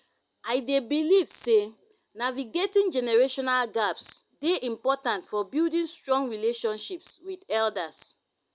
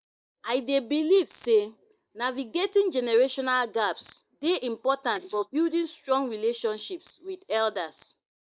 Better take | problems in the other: first | noise reduction (neural mask model Resemble Enhance denoiser)

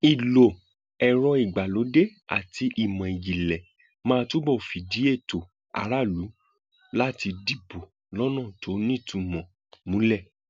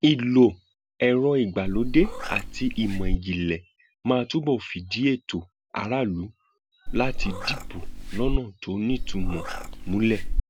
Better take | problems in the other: first | background sound (Meow); 1 dB below the speech

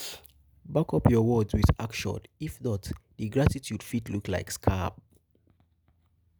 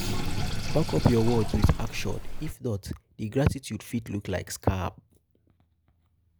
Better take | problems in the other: first | background sound (Sink (filling or washing)); 3 dB below the speech

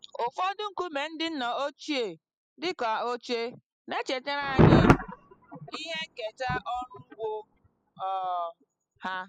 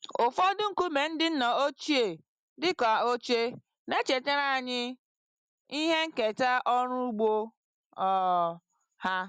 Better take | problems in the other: second | noise reduction (classical method spectral subtraction)

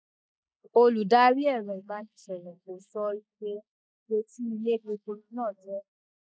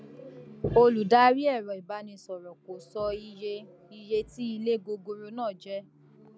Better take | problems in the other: second | noise reduction (neural mask model Resemble Enhance denoiser)

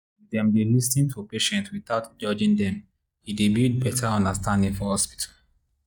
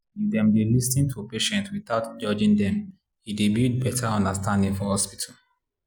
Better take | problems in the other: second | noise reduction (neural mask model DeepFilterNet 3)

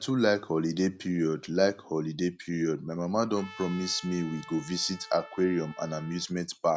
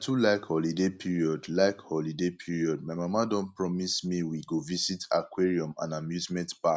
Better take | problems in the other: second | background sound (Trumpet); 19 dB below the speech

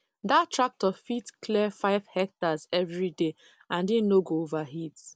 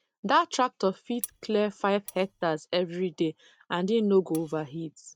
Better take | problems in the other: first | noise reduction (neural mask model RNNoise)

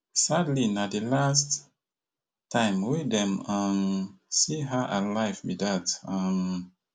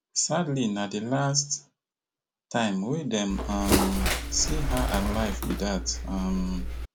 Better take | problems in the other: first | background sound (Bird); as loud as the speech

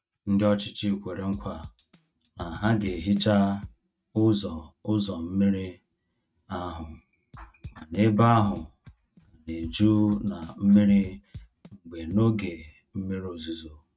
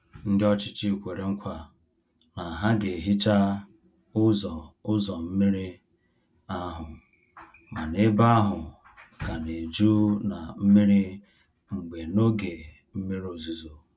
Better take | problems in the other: second | noise reduction (neural mask model RNNoise)

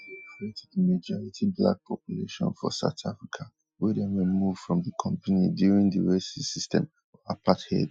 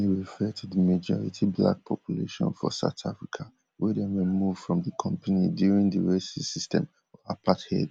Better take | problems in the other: second | noise reduction (classical method Wiener filter)

